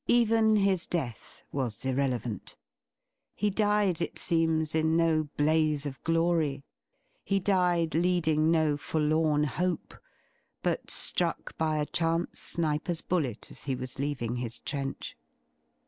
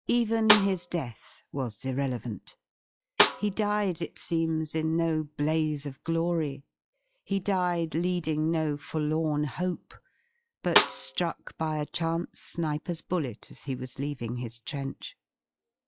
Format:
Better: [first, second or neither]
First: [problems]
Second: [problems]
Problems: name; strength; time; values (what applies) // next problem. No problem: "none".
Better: first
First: none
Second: noise reduction (classical method log-MMSE)